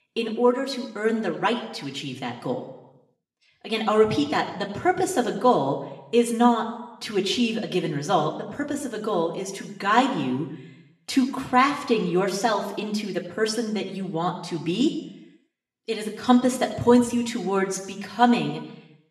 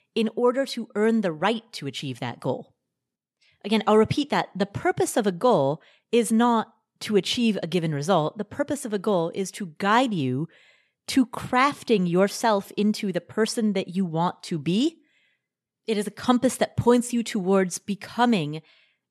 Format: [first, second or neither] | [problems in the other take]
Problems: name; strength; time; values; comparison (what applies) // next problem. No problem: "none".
second | room echo; slight; dies away in 0.8 s // off-mic speech; somewhat distant